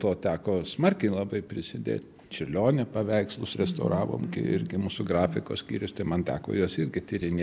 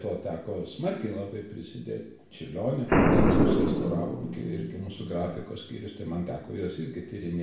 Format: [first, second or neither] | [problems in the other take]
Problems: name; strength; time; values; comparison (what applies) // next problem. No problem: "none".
first | background sound (Boom); 4 dB above the speech // room echo; dies away in 0.7 s